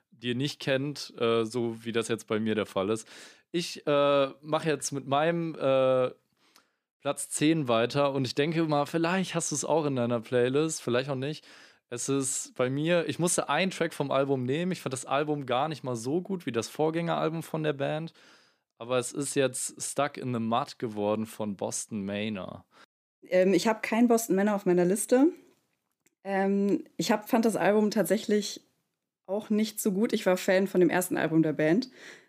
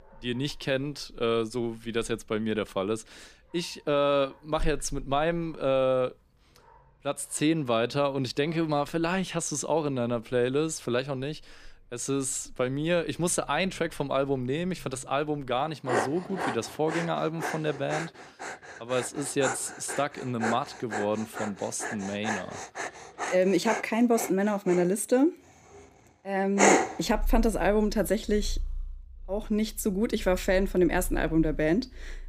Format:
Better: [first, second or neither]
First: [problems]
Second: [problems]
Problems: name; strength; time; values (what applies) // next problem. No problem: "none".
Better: first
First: none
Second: animal sounds; loud; throughout; 5 dB below the speech